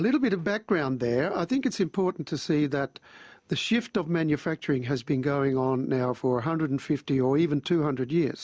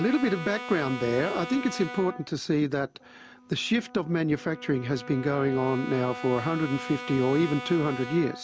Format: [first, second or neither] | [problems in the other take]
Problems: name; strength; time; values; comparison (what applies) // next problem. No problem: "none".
first | background sound (Brass instrument); 12 dB below the speech